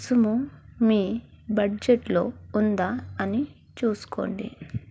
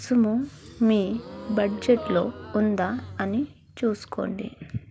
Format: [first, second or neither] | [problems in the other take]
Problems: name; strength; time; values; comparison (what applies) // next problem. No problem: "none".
first | background sound (Gasp); 16 dB below the speech